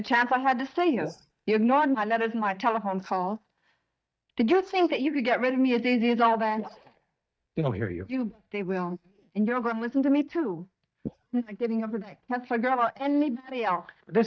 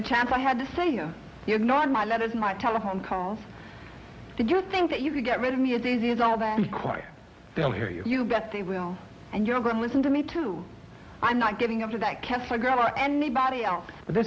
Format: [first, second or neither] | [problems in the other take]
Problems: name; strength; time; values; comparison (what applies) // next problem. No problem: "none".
second | noise reduction (neural mask model DeepFilterNet 3)